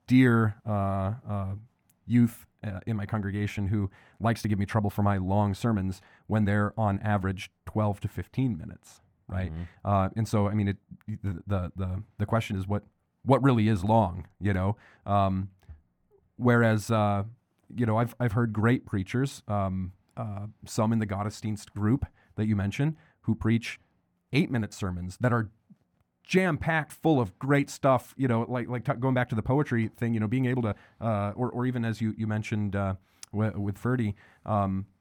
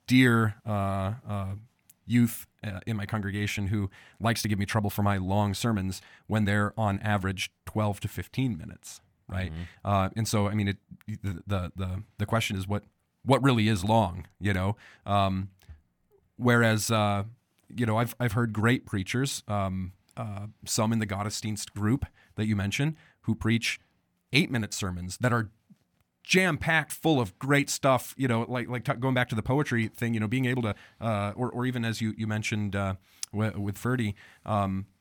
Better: second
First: muffled; slightly; fading above 2 kHz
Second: none

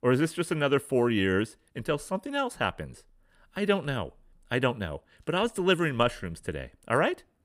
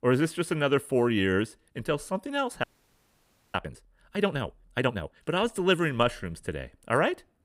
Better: first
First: none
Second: audio freezing; at 2.5 s for 1 s

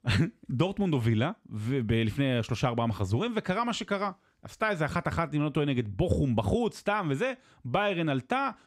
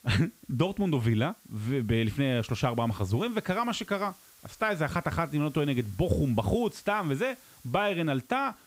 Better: first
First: none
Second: hiss; faint; throughout; 25 dB below the speech

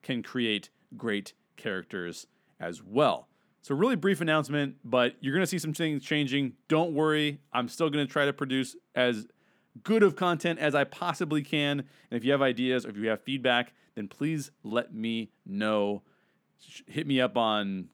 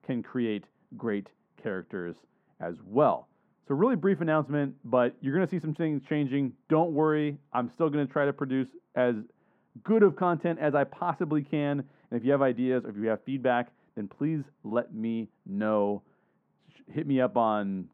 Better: first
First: none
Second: muffled; very; fading above 3 kHz

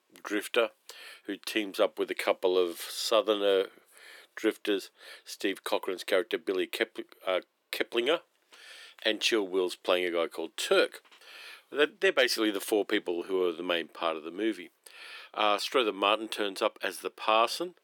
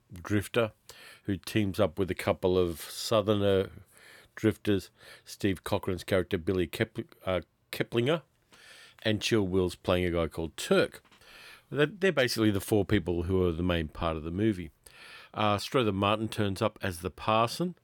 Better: second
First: thin; somewhat; fading below 300 Hz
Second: none

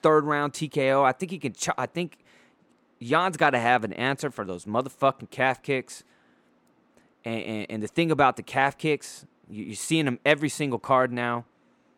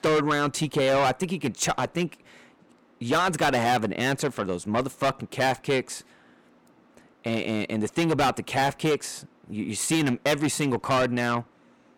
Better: first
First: none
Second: distortion; heavy; 6 dB below the speech

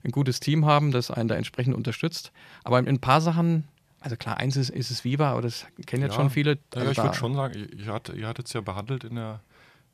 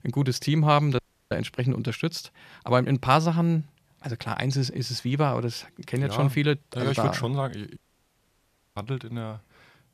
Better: first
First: none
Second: audio cutting out; at 1 s and at 8 s for 1 s

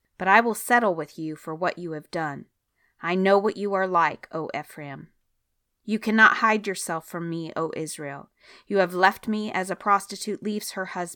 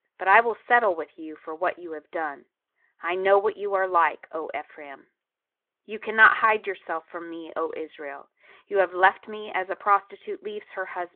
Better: first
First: none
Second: phone-call audio

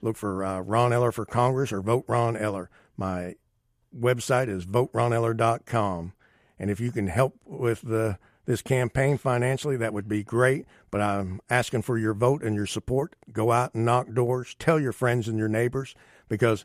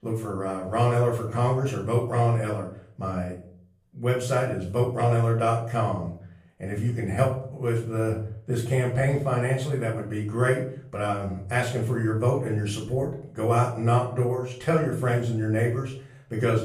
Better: first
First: none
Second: off-mic speech; far // room echo; slight; dies away in 0.5 s

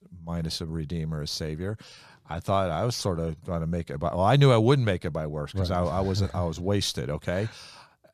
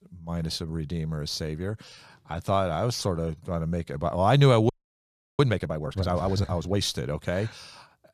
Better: first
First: none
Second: audio freezing; at 4.5 s for 0.5 s

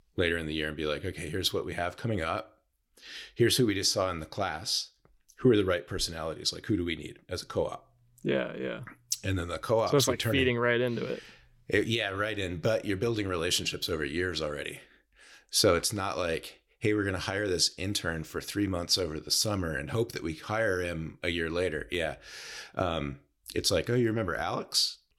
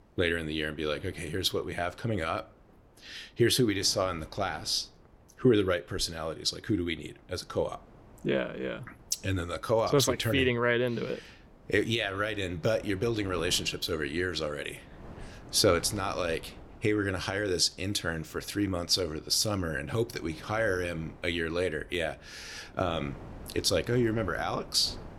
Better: first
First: none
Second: wind noise on the microphone; occasional gusts; 25 dB below the speech

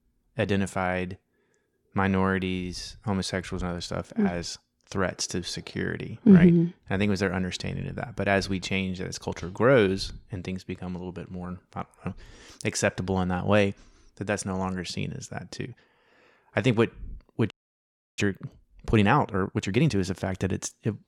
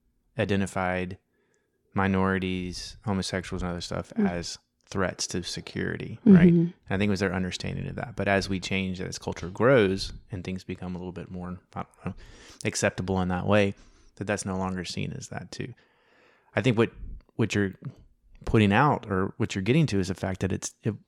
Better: second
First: audio freezing; at 18 s for 0.5 s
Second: none

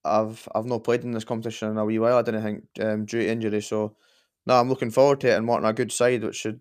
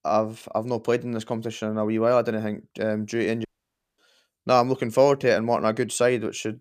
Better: first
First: none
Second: audio cutting out; at 3.5 s for 0.5 s

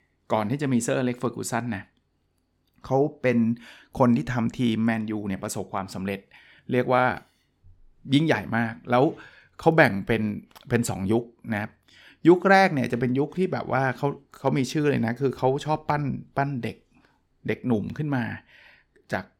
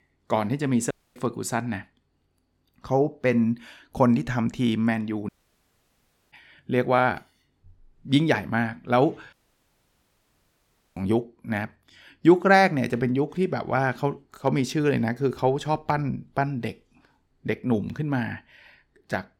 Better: first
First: none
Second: audio cutting out; at 1 s, at 5.5 s for 1 s and at 9.5 s for 1.5 s

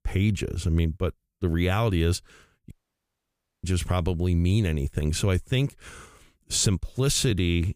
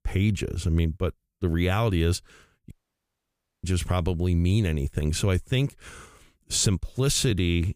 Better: neither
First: audio cutting out; at 2.5 s for 1 s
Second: audio cutting out; at 2.5 s for 1 s

